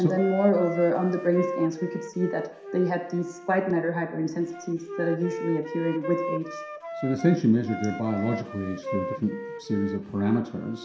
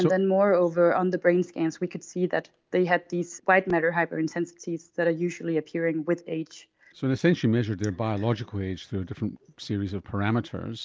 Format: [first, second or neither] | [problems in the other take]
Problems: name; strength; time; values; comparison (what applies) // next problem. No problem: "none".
second | background sound (Wind instrument, woodwind instrument); 10 dB below the speech // room echo; dies away in 0.7 s